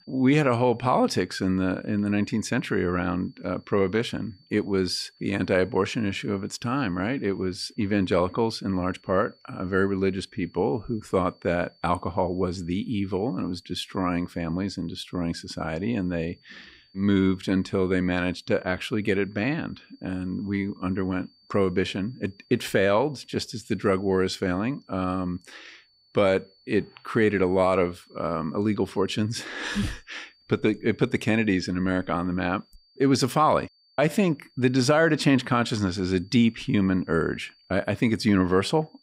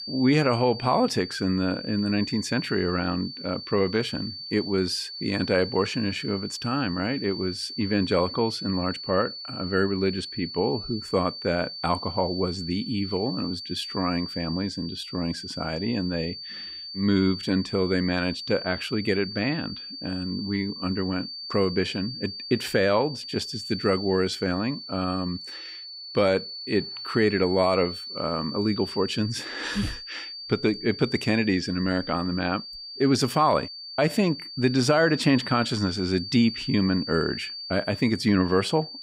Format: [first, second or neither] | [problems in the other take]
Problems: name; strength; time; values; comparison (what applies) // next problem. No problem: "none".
first | high-pitched whine; loud; throughout; 4.5 kHz, 9 dB below the speech; faint in the first